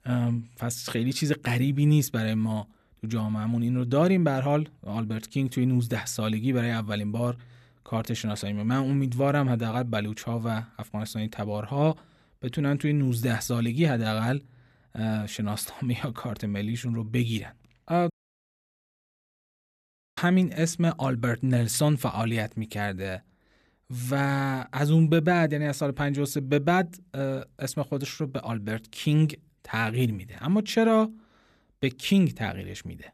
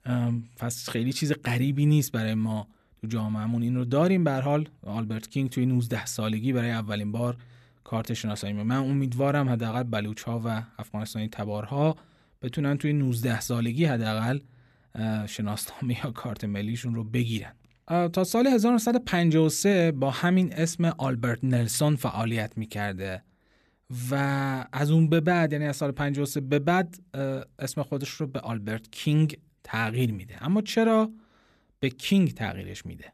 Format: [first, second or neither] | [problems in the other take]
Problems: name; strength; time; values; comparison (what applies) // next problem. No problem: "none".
second | audio cutting out; at 18 s for 2 s